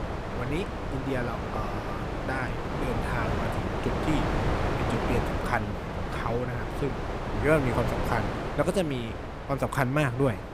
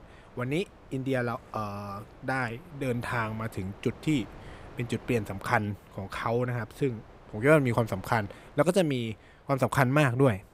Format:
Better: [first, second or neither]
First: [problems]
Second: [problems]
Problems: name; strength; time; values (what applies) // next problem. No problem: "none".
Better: second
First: wind noise on the microphone; heavy; 2 dB below the speech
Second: wind noise on the microphone; occasional gusts; 25 dB below the speech